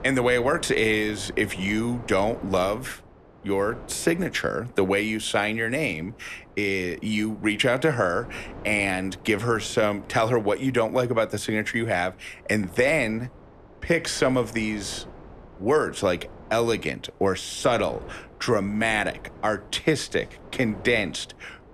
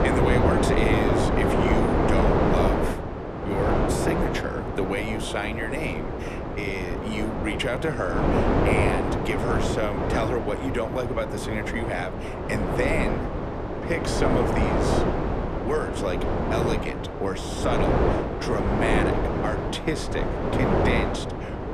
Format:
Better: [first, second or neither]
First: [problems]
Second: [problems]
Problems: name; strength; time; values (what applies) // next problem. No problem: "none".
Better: first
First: wind noise on the microphone; occasional gusts; 20 dB below the speech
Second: wind noise on the microphone; heavy; 3 dB above the speech